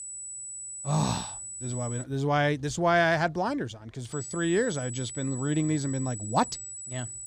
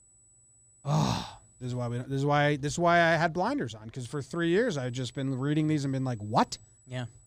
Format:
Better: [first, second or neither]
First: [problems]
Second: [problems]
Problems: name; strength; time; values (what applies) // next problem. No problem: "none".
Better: second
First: high-pitched whine; loud; until 2 s and from 4 s on; 8 kHz, 9 dB below the speech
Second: high-pitched whine; faint; until 2 s and from 4 s on; 8 kHz, 30 dB below the speech